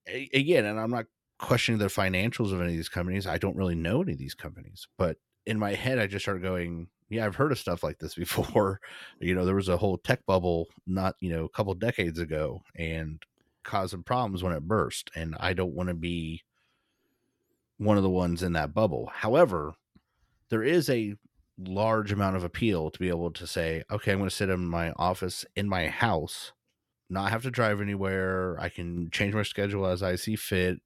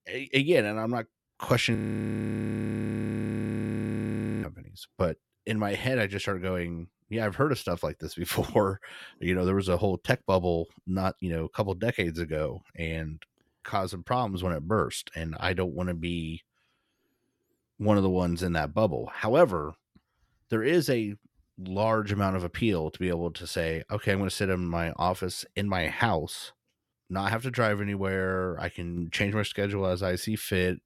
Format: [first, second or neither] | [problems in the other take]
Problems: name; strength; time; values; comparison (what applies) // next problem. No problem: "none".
first | audio freezing; at 2 s for 2.5 s